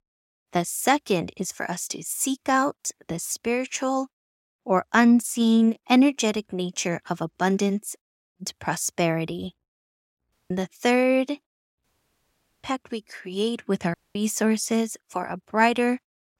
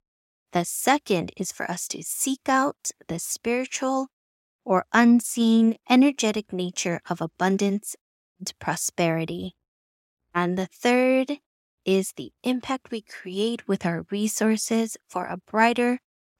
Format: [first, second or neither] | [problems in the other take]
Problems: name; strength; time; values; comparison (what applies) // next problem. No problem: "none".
second | audio cutting out; at 10 s, at 12 s for 1 s and at 14 s